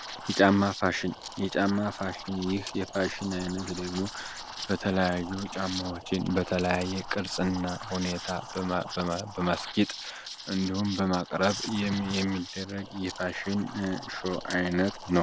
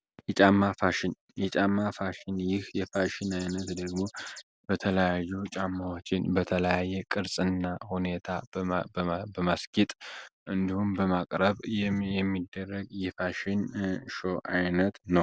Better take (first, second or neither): second